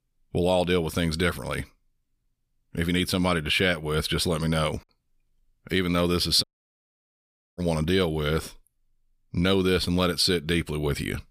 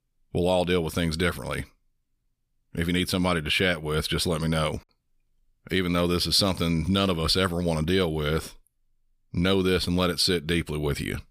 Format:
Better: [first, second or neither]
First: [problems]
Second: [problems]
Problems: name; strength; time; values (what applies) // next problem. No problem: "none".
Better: second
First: audio cutting out; at 6.5 s for 1 s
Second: none